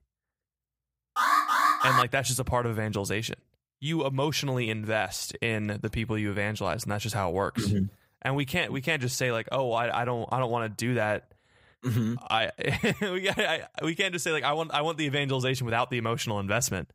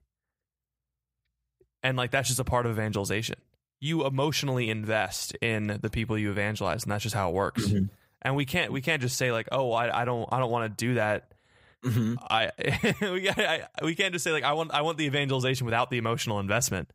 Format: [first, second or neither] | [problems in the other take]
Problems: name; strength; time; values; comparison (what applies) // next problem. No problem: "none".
second | alarm; loud; at 1 s; peak 6 dB above the speech